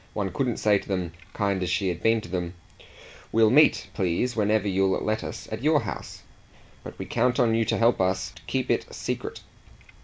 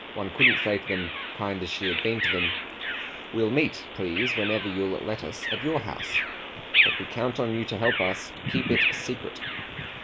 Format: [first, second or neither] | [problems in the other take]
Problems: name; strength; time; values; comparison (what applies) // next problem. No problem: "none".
first | noise reduction (neural mask model Resemble Enhance denoiser)